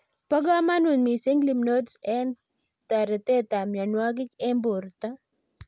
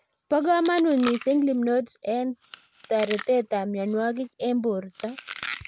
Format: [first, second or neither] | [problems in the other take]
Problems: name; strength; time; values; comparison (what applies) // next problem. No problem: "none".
first | background sound (Chewing, mastication); 16 dB below the speech